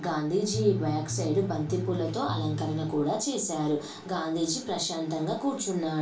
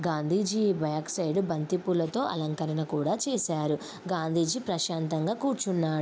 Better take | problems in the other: second | background sound (Bass guitar); 5 dB below the speech // room echo; dies away in 0.2 s

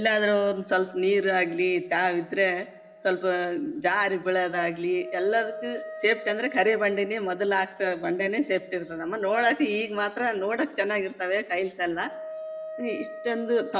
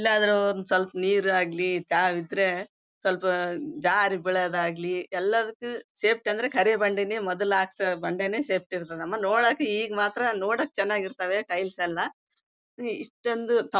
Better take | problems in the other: second | background sound (Wind instrument, woodwind instrument); 17 dB below the speech // room echo; dies away in 2.1 s

